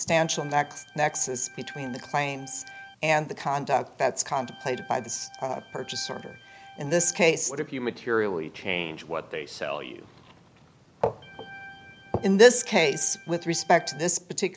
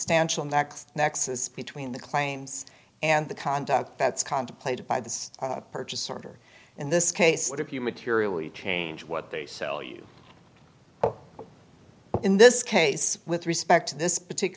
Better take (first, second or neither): second